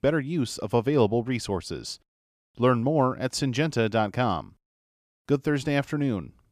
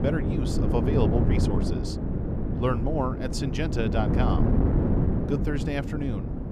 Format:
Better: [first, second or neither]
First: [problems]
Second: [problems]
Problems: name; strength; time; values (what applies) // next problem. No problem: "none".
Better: first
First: none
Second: wind noise on the microphone; heavy; 2 dB below the speech